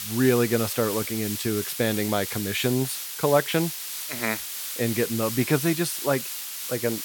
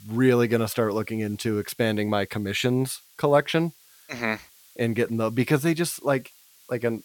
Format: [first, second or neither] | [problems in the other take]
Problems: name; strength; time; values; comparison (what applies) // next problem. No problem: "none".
second | hiss; loud; throughout; 5 dB below the speech; faint in the second